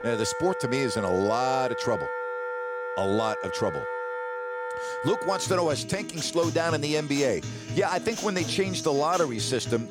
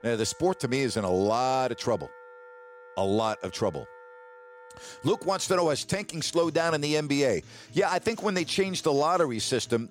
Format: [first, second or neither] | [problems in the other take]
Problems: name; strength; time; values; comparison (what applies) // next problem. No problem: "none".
second | background music; loud; throughout; 6 dB below the speech; faint in the second